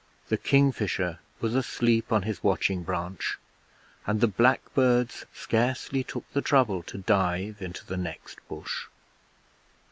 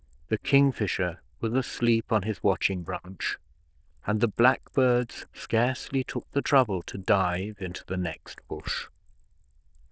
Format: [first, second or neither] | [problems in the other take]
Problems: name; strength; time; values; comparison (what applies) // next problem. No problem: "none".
first | noise reduction (neural diffusion model UNIVERSE++)